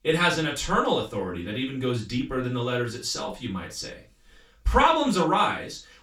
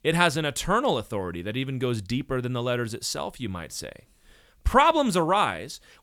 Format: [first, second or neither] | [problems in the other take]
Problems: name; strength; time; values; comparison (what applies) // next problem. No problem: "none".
second | room echo; noticeable; dies away in 0.2 s // off-mic speech; far